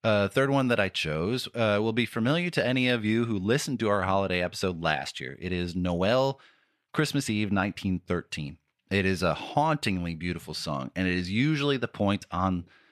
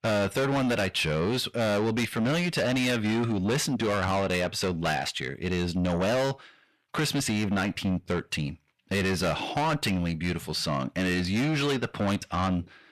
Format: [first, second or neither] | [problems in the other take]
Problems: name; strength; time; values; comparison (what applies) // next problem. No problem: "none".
first | distortion; heavy; 7 dB below the speech